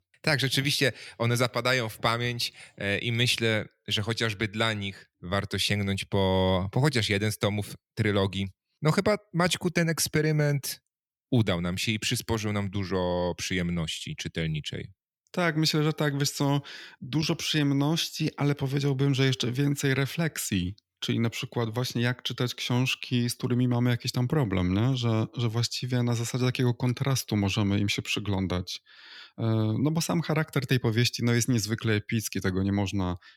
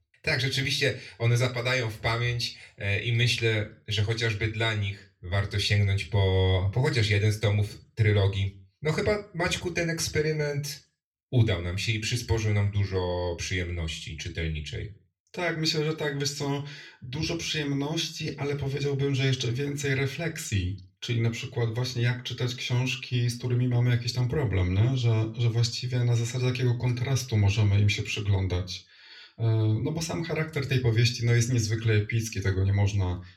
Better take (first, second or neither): first